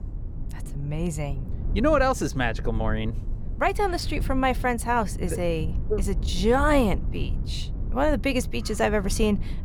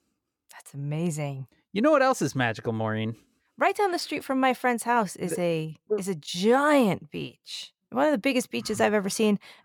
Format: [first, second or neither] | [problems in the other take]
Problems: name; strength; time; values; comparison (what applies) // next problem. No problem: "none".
second | low rumble; faint; throughout; 20 dB below the speech